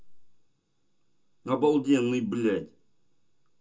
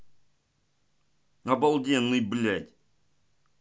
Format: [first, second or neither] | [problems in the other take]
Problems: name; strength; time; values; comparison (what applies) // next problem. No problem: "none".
second | room echo; dies away in 0.2 s